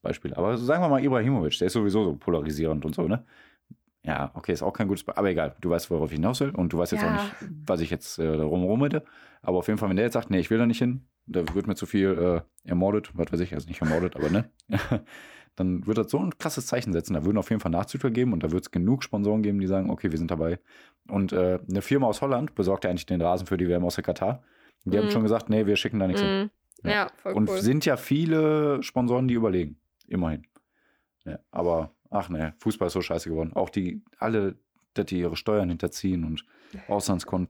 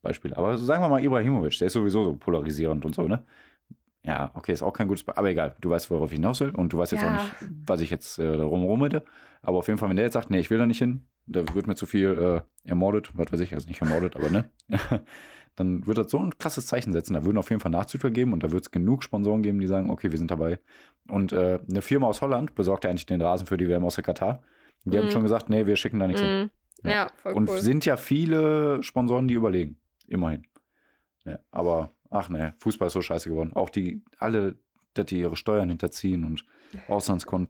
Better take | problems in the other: first | garbled, watery; slightly; nothing above 19 kHz

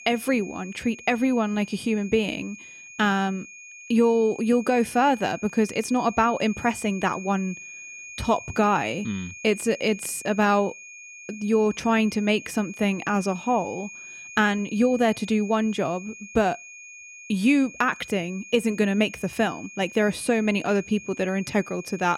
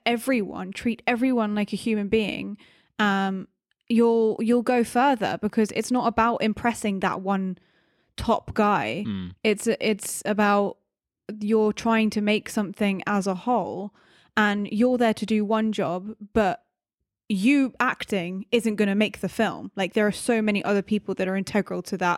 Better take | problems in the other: second | high-pitched whine; noticeable; throughout; 2.5 kHz, 15 dB below the speech

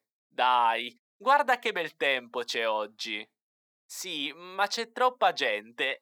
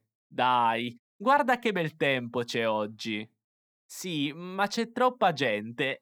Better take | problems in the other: second | thin; somewhat; fading below 500 Hz

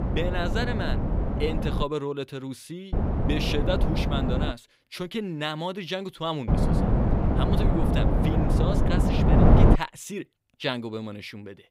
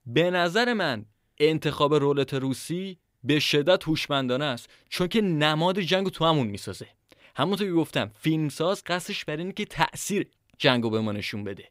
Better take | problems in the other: second | wind noise on the microphone; heavy; until 2 s, from 3 to 4.5 s and from 6.5 to 10 s; 2 dB above the speech

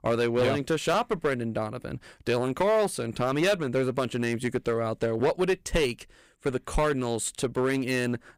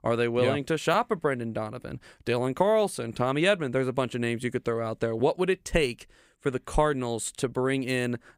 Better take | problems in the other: second | distortion; slight; 8% of the sound clipped

